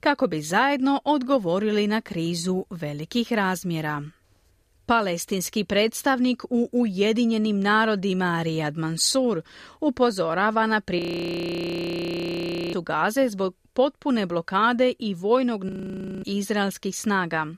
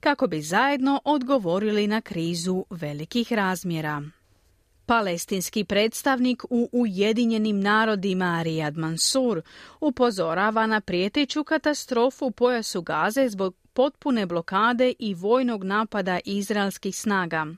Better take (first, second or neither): second